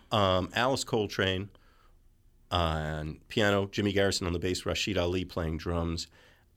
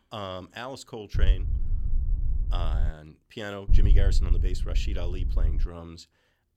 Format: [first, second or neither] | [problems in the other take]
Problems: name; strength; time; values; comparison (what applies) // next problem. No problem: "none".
first | low rumble; loud; from 1 to 3 s and from 3.5 to 5.5 s; 10 dB below the speech